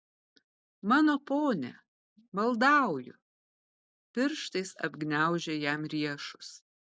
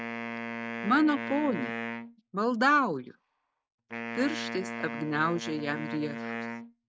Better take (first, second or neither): first